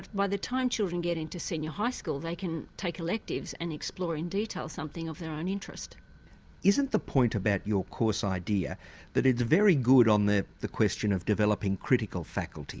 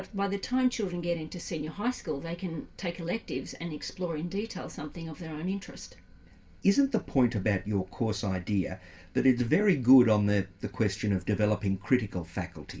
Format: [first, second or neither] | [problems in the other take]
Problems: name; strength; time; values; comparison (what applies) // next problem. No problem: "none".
first | room echo; dies away in 0.2 s